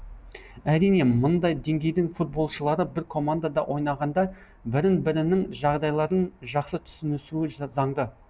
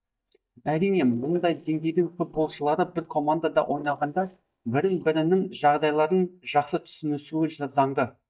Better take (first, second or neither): first